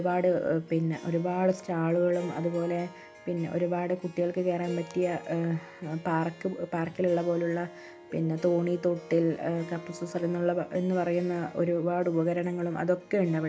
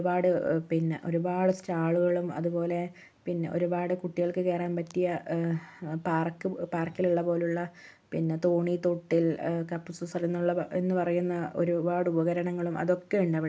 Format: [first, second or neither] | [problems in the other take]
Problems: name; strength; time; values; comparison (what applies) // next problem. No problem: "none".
second | background sound (Harp); 19 dB below the speech